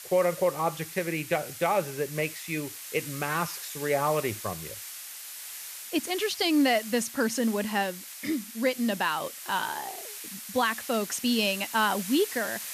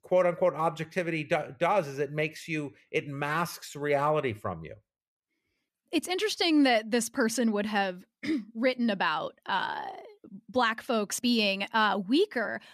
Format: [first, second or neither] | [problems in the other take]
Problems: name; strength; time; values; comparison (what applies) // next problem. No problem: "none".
second | hiss; loud; throughout; 10 dB below the speech